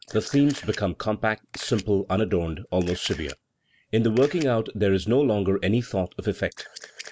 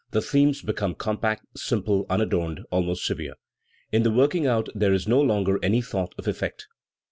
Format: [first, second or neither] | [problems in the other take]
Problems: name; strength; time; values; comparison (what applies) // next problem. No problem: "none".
second | noise reduction (neural mask model Resemble Enhance denoiser)